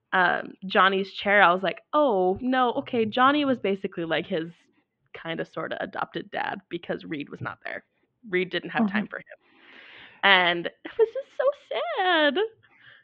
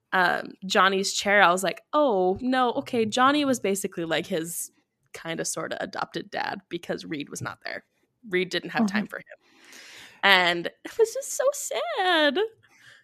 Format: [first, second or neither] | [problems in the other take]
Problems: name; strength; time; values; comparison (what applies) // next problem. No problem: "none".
second | muffled; very; fading above 3.5 kHz